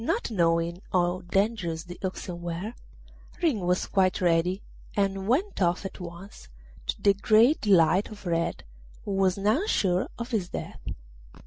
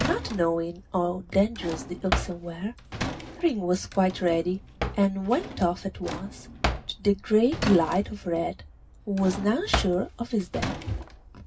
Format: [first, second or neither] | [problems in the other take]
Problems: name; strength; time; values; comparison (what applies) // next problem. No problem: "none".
first | background sound (Drawer open or close); 7 dB below the speech // room echo; dies away in 0.4 s